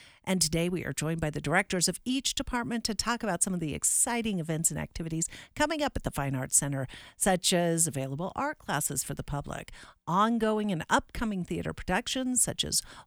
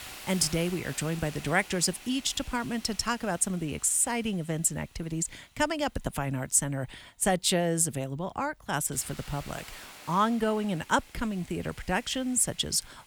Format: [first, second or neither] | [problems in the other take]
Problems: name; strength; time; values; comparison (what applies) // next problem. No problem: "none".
first | hiss; noticeable; throughout; 20 dB below the speech